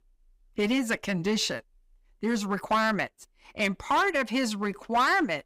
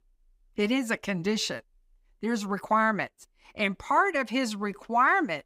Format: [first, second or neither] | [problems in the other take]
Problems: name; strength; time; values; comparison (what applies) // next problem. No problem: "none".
second | distortion; slight; 6% of the sound clipped